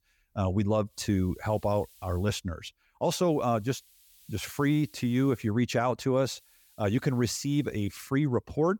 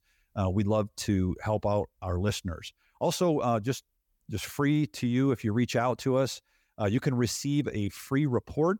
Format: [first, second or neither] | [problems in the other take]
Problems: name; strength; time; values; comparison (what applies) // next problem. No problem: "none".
second | hiss; faint; from 1 to 2.5 s, from 3.5 to 5.5 s and from 6.5 to 8 s; 30 dB below the speech